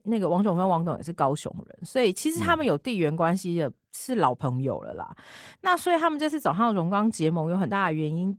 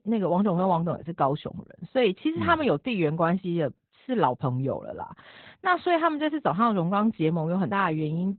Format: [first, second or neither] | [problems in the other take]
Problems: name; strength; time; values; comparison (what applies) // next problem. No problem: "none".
first | garbled, watery; badly; nothing above 4 kHz; slightly in the first